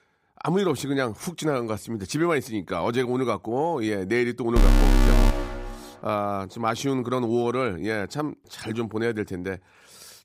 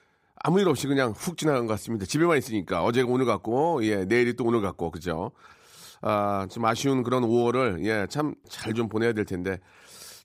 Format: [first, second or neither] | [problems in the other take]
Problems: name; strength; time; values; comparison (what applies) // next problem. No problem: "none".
second | alarm; loud; from 4.5 to 5.5 s; peak 6 dB above the speech